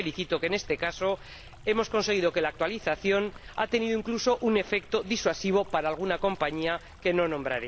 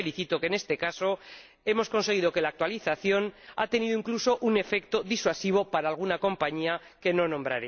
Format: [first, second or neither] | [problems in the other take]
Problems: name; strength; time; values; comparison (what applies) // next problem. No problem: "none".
second | background sound (Stream); 19 dB below the speech